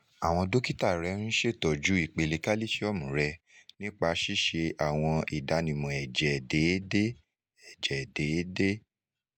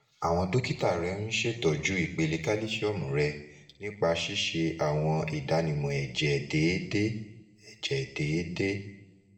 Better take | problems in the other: first | room echo; dies away in 0.7 s

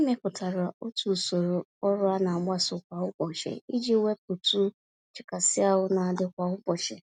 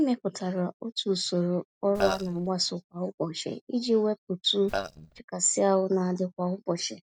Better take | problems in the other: first | noise reduction (neural mask model DeepFilterNet 3)

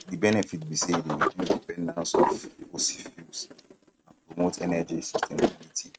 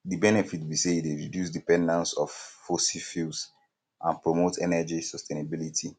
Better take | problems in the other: second | noise reduction (neural mask model RNNoise)

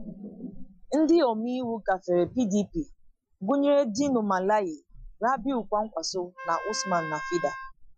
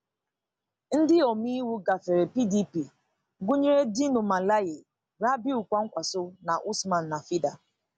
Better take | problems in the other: second | noise reduction (classical method Wiener filter)

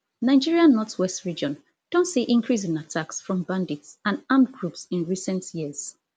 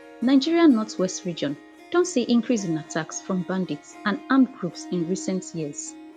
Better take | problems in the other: first | background sound (Harp); 19 dB below the speech

